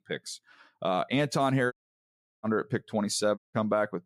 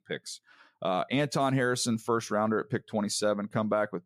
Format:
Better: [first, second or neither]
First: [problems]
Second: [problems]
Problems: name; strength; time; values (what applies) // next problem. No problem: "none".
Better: second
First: audio cutting out; at 1.5 s for 0.5 s and at 3.5 s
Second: none